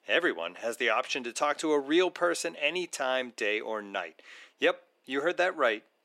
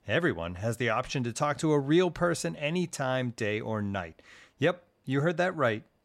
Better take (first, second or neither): second